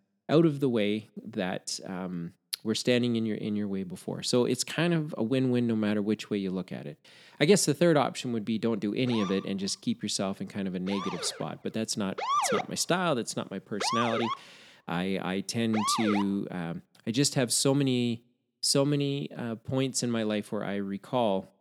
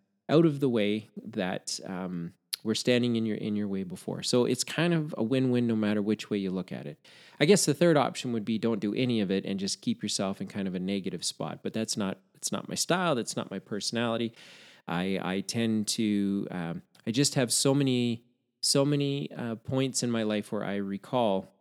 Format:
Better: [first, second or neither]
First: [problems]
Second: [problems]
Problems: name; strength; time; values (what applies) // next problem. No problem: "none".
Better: second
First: siren; loud; from 9 to 16 s; peak 2 dB above the speech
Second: none